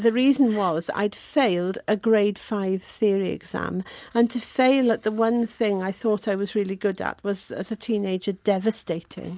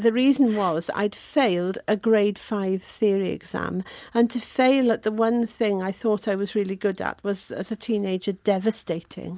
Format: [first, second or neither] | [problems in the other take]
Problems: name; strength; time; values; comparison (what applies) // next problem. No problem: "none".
second | noise reduction (neural mask model Resemble Enhance denoiser)